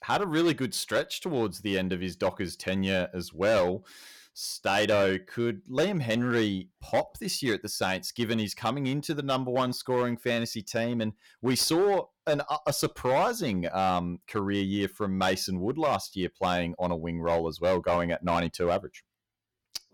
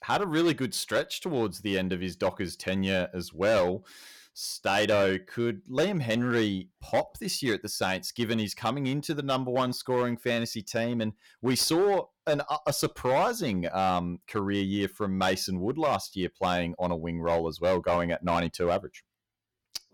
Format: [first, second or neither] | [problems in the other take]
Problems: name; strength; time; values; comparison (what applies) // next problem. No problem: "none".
neither | distortion; slight; 6% of the sound clipped; the same in both